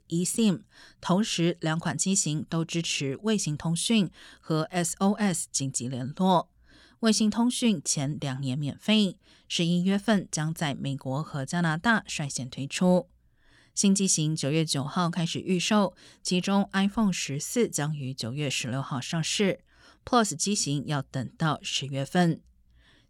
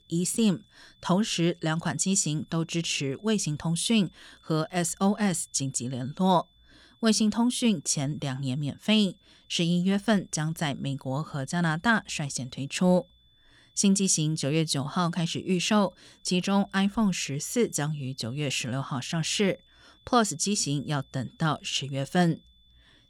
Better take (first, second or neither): first